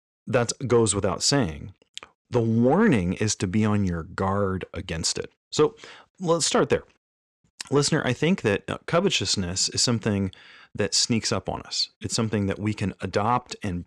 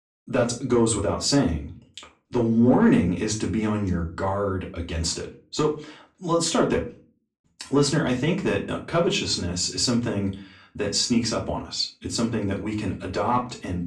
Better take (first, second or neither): first